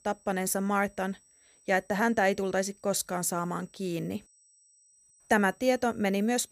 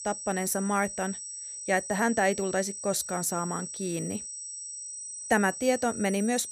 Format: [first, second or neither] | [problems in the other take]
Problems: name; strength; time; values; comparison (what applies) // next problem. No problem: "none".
first | high-pitched whine; loud; throughout; 8 kHz, 8 dB below the speech; faint in the first